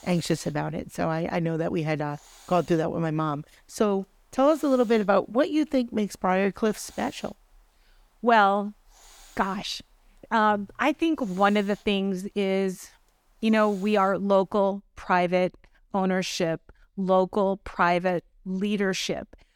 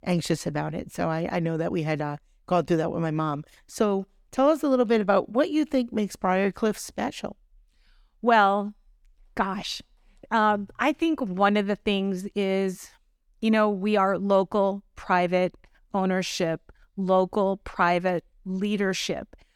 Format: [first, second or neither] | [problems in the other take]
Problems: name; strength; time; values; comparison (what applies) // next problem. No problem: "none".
second | hiss; faint; until 15 s; 25 dB below the speech